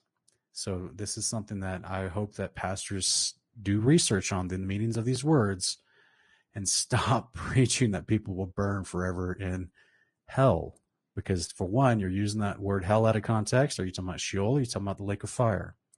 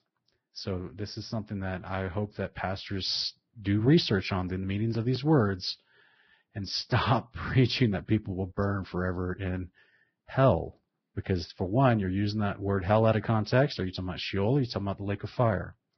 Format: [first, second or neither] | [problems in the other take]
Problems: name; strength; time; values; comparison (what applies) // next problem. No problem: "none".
first | garbled, watery; badly; nothing above 5.5 kHz; slightly in the first